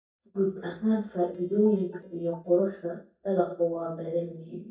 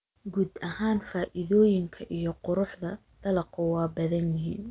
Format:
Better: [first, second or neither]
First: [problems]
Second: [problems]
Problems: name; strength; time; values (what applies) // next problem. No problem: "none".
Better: second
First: noise reduction (neural mask model DeepFilterNet 3)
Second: none